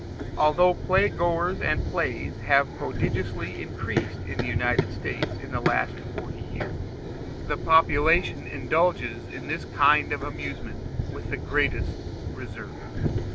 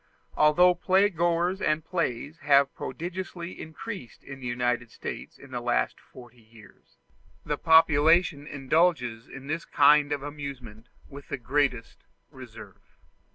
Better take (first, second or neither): second